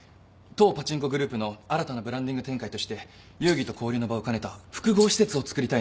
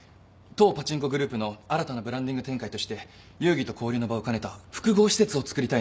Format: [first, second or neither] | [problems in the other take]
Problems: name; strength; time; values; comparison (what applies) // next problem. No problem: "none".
second | background sound (Rattle); 16 dB below the speech